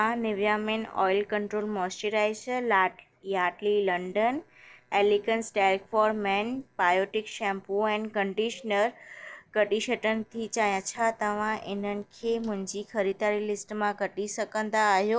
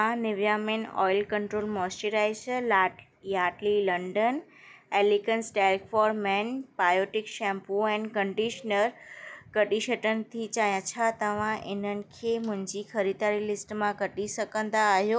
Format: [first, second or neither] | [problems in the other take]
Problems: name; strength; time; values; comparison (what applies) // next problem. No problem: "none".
second | noise reduction (neural separator model SepFormer DNS4)